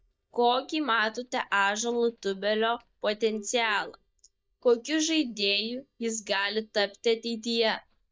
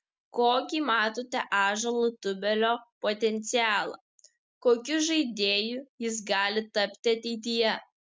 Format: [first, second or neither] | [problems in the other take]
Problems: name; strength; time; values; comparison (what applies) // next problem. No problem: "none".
second | noise reduction (neural mask model DeepFilterNet 3)